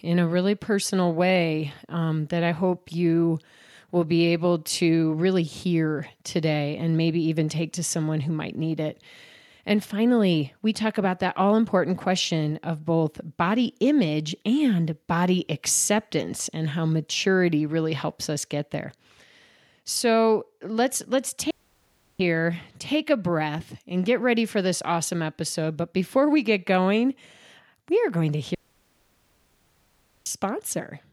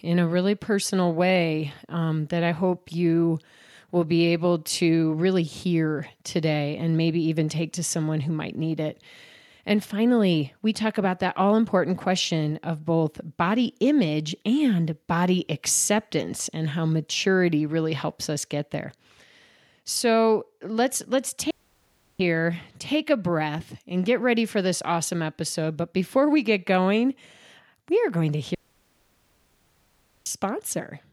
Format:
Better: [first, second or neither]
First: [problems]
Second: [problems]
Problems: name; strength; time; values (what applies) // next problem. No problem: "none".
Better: neither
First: audio cutting out; at 22 s for 0.5 s and at 29 s for 1.5 s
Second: audio cutting out; at 22 s for 0.5 s and at 29 s for 1.5 s